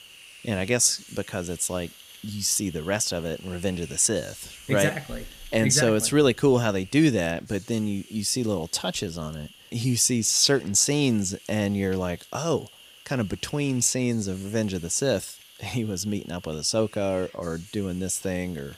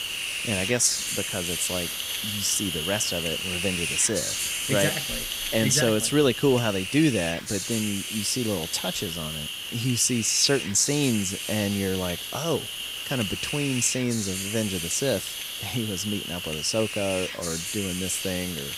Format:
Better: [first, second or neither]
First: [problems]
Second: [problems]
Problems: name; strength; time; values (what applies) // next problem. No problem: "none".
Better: first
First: hiss; faint; throughout; 20 dB below the speech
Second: hiss; loud; throughout; 3 dB below the speech